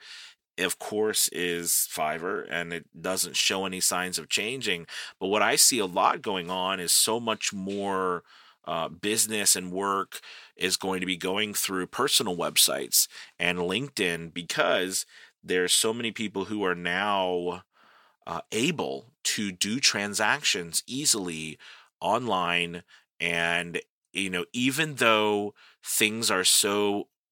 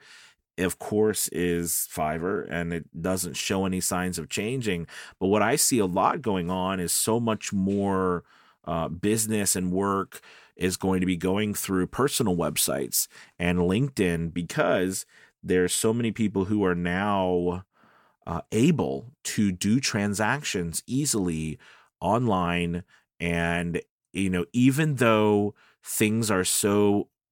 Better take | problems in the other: second | thin; somewhat; fading below 600 Hz

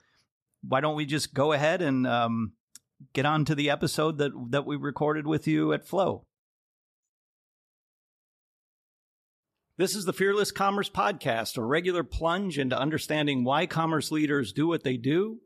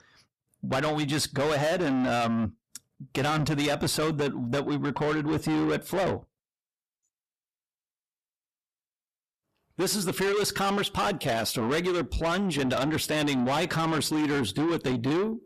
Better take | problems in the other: first | distortion; heavy; 7 dB below the speech

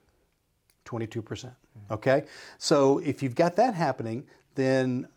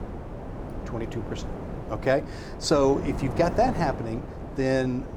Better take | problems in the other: first | wind noise on the microphone; occasional gusts; 15 dB below the speech

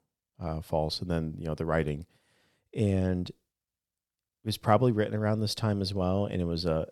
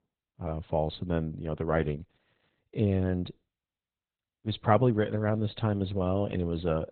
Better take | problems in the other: first | garbled, watery; badly; nothing above 4 kHz

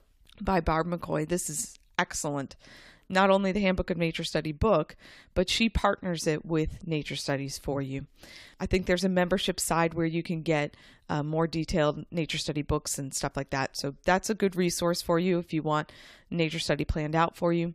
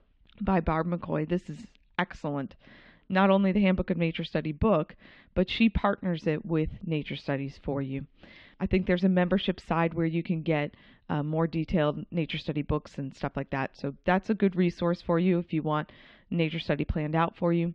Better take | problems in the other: first | muffled; very; fading above 3 kHz

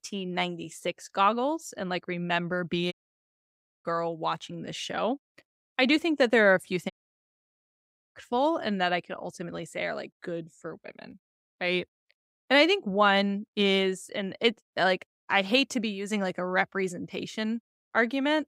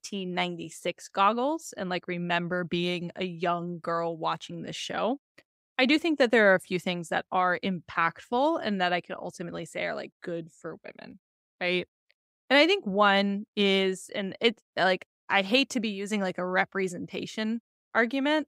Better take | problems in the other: second | audio cutting out; at 3 s for 1 s and at 7 s for 1.5 s

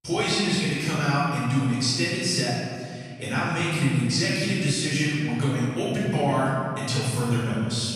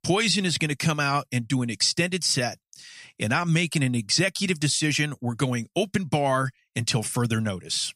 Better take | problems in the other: second | off-mic speech; far // room echo; strong; dies away in 2 s

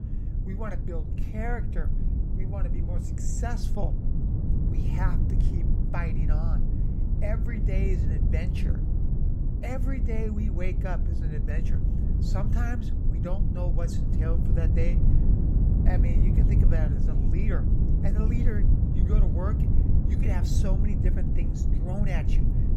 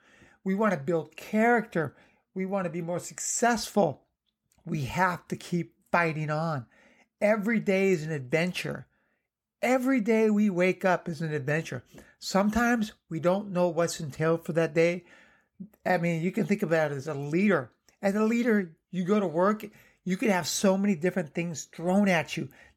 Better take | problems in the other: second | low rumble; loud; throughout; 1 dB below the speech

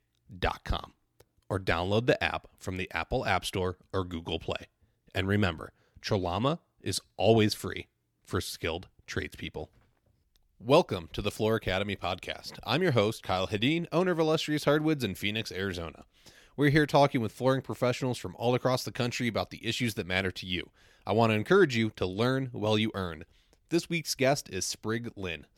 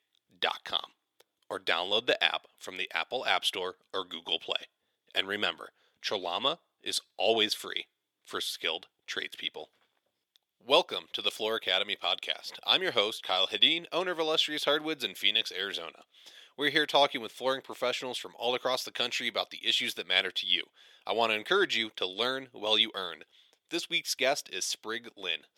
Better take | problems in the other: first | thin; somewhat; fading below 450 Hz

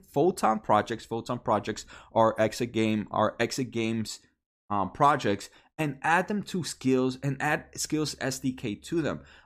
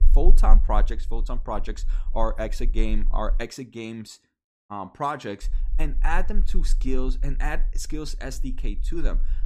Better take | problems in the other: first | low rumble; faint; until 3.5 s and from 5.5 s on; 25 dB below the speech

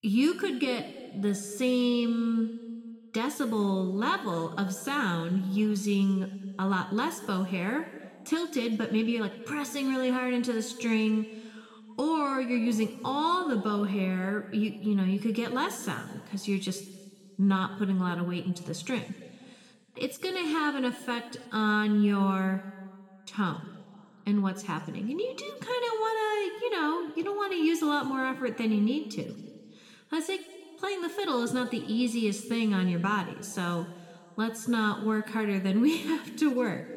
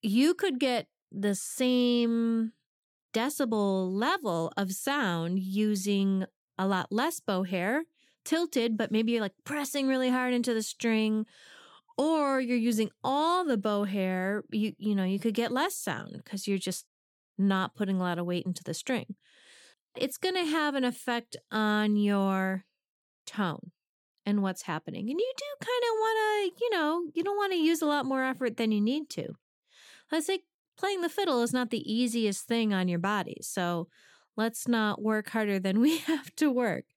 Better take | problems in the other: second | room echo; slight; dies away in 1.5 s

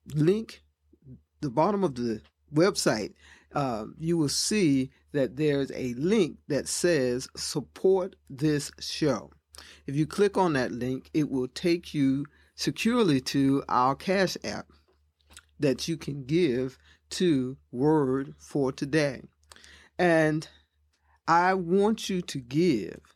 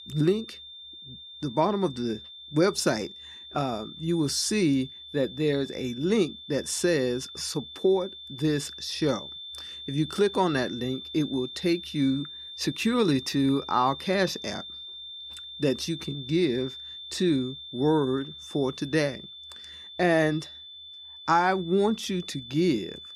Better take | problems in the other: first | high-pitched whine; noticeable; throughout; 3.5 kHz, 15 dB below the speech

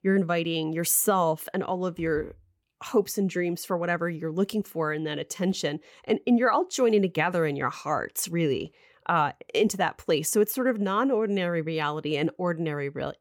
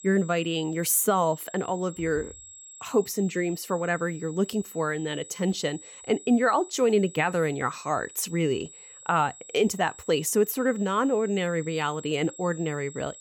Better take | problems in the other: first | high-pitched whine; noticeable; throughout; 8 kHz, 20 dB below the speech

